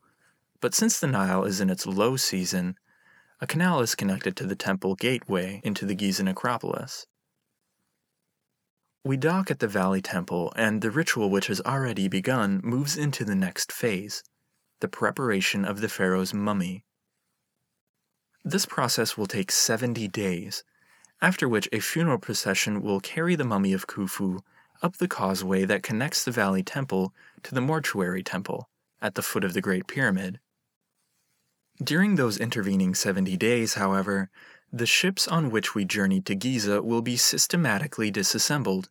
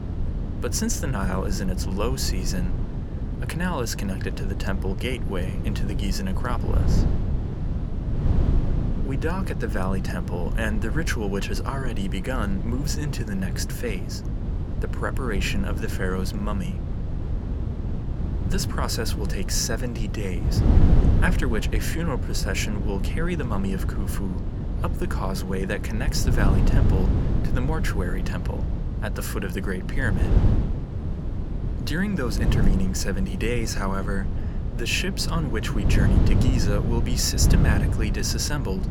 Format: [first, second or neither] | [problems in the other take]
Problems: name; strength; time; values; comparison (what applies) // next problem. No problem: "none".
first | wind noise on the microphone; heavy; 7 dB below the speech